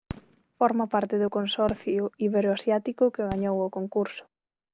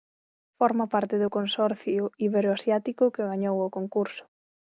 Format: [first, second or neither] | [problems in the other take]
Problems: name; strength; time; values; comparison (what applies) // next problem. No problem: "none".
second | background sound (Fireworks); 19 dB below the speech